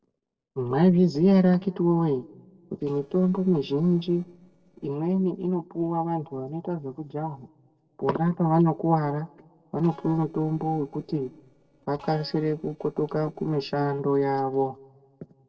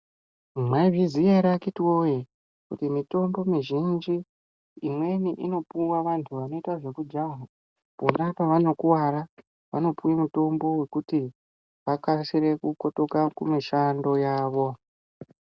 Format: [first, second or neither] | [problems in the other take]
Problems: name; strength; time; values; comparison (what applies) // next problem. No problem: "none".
second | noise reduction (neural separator model SepFormer DNS4)